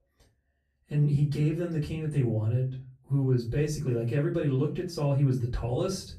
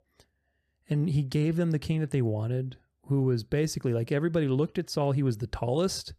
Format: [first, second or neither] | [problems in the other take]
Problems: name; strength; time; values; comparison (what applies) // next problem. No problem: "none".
second | off-mic speech; far // room echo; slight; dies away in 0.3 s